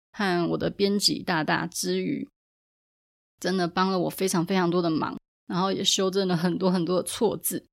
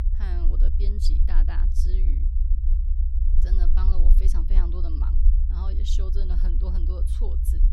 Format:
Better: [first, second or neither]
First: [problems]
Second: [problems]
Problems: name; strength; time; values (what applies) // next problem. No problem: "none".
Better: first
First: none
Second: low rumble; loud; throughout; 3 dB below the speech